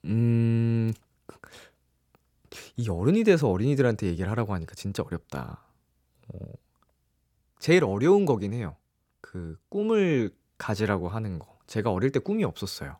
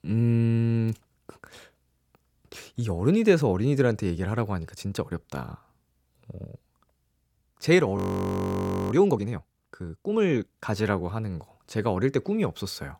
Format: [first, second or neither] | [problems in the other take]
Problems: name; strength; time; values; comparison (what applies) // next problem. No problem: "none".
first | audio freezing; at 8 s for 1 s